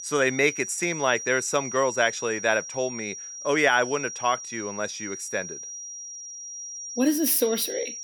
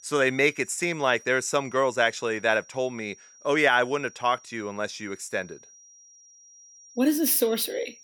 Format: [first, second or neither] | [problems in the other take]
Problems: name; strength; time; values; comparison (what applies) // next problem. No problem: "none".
second | high-pitched whine; loud; throughout; 5.5 kHz, 9 dB below the speech; faint in the second